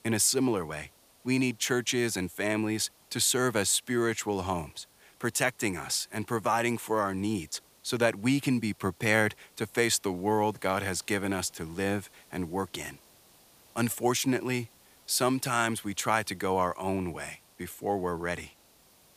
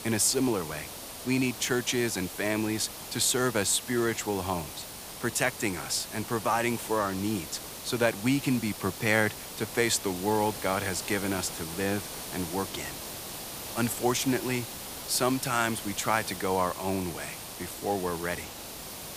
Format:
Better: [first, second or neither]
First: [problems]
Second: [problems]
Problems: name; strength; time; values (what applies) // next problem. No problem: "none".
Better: first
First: hiss; faint; throughout; 30 dB below the speech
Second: hiss; loud; throughout; 9 dB below the speech